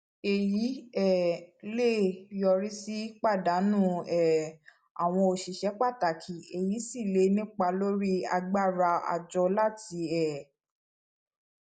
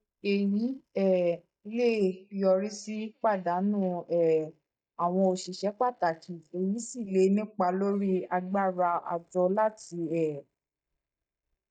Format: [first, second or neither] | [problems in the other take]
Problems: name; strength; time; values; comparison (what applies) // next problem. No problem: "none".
first | noise reduction (neural mask model DeepFilterNet 3)